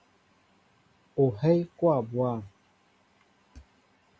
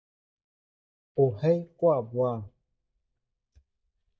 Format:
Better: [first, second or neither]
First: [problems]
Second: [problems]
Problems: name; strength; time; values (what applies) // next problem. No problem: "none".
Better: first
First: none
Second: noise reduction (neural mask model DeepFilterNet 3)